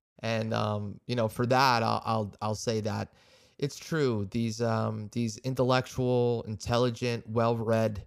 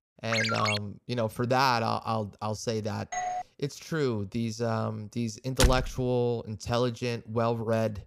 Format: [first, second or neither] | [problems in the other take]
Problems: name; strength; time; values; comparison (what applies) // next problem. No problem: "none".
first | phone ringing; loud; at 0.5 s; peak 3 dB above the speech // doorbell; noticeable; at 3 s; peak 3 dB below the speech // door banging; loud; at 5.5 s; peak 2 dB above the speech